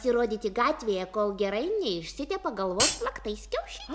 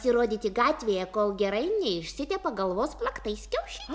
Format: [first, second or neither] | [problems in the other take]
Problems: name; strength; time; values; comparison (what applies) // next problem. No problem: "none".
second | background sound (Hi-hat); 2 dB above the speech